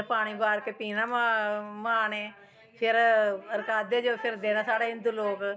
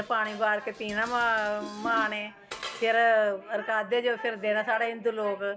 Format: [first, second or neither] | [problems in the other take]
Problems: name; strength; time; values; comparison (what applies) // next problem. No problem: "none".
first | background sound (Dishes, pots, and pans); 17 dB below the speech